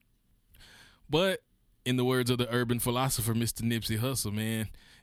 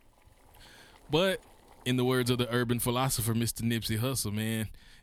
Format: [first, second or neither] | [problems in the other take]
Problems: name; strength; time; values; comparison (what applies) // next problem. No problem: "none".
first | household noises; faint; throughout; 30 dB below the speech